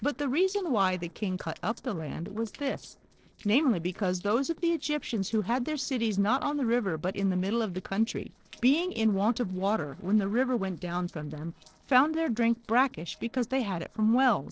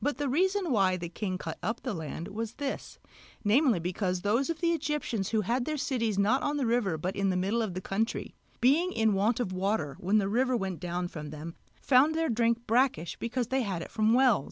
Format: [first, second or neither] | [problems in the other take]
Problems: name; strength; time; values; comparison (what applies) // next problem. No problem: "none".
second | noise reduction (neural separator model SepFormer DNS4)